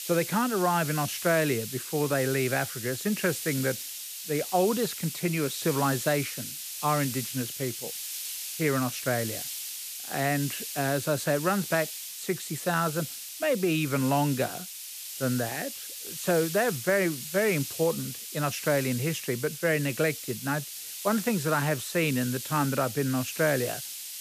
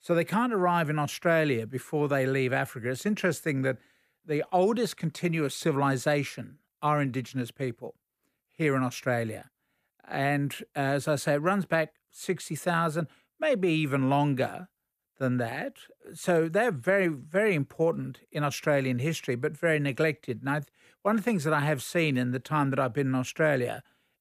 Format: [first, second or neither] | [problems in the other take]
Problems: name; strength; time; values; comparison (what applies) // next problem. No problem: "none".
second | hiss; loud; throughout; 7 dB below the speech